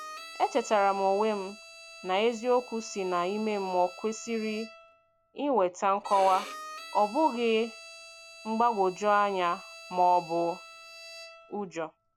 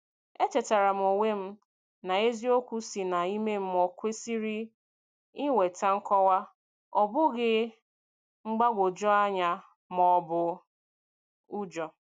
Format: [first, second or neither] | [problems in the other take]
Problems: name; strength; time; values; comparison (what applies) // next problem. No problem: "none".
second | background sound (Bowed string instrument); 17 dB below the speech